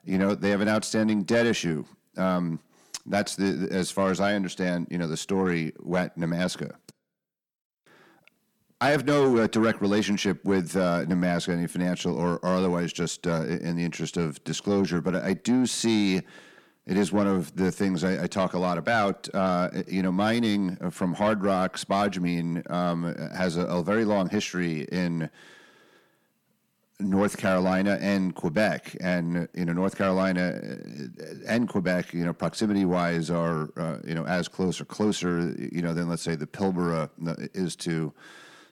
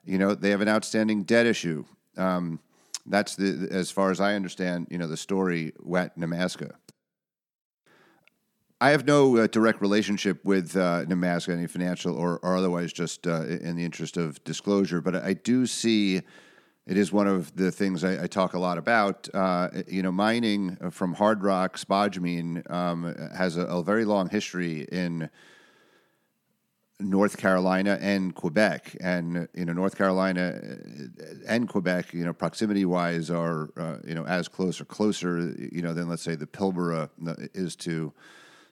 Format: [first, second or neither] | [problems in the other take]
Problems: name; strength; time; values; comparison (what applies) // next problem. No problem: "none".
second | distortion; slight; 10 dB below the speech